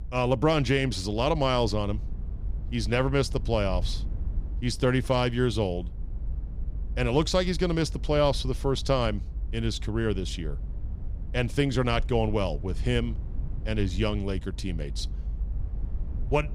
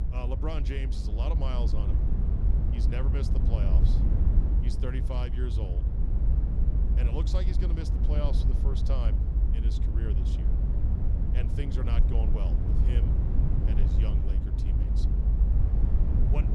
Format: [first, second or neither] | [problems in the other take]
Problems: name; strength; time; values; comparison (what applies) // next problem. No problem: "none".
first | low rumble; loud; throughout; 1 dB below the speech; faint in the first